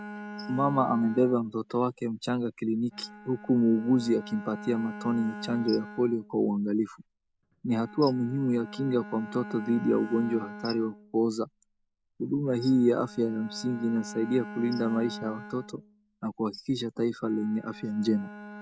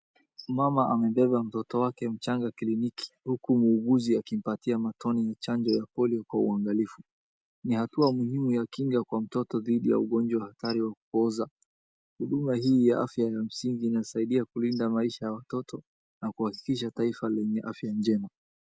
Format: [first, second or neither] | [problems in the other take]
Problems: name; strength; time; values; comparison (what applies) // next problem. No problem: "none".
second | background sound (Bowed string instrument); 15 dB below the speech